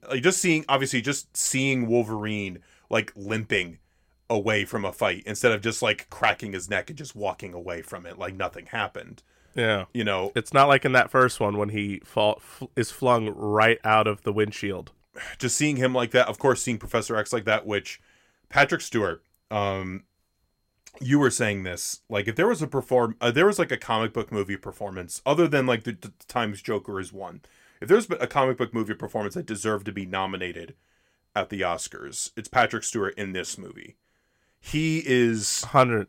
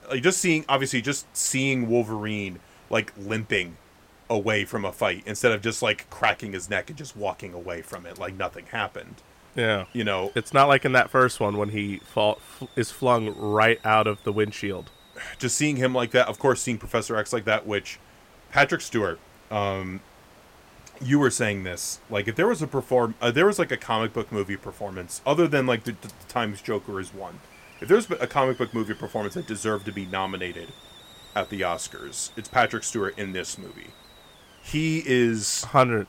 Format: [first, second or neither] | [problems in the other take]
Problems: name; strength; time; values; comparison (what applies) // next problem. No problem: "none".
first | hiss; faint; throughout; 25 dB below the speech